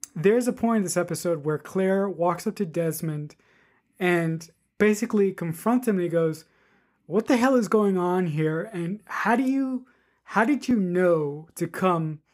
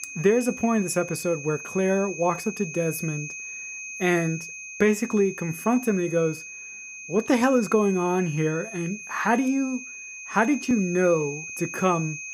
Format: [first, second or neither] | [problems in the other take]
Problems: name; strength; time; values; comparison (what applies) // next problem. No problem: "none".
first | high-pitched whine; noticeable; throughout; 2.5 kHz, 10 dB below the speech